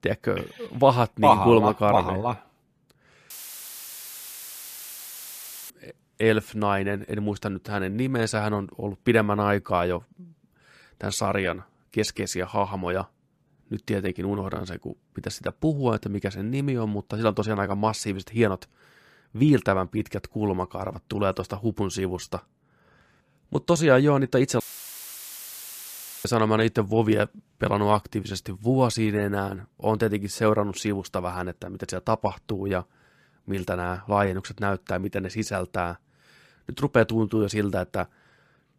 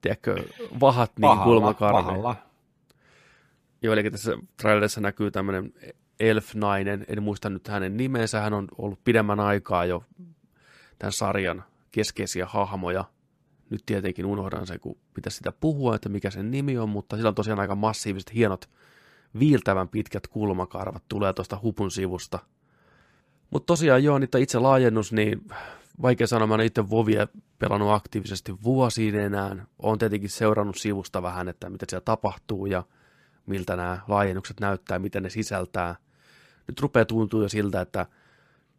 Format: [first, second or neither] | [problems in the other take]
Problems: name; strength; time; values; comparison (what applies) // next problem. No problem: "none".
second | audio cutting out; filled with static; at 3.5 s for 2.5 s and at 25 s for 1.5 s